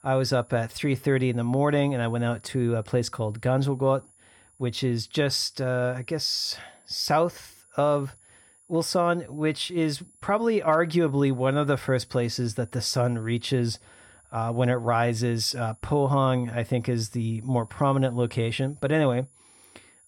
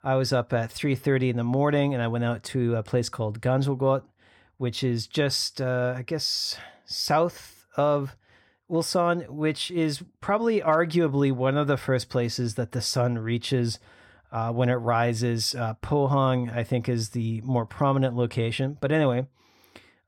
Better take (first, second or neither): second